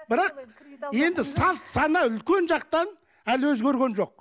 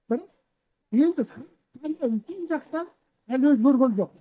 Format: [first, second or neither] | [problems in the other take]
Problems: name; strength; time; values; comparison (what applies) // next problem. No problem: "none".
first | noise reduction (neural mask model DeepFilterNet 3)